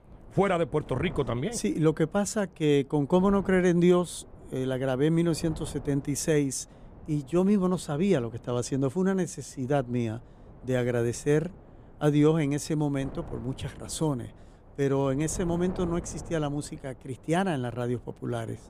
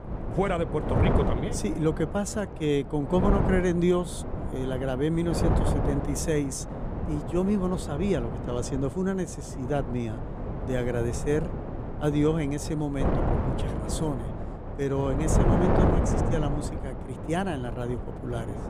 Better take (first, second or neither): first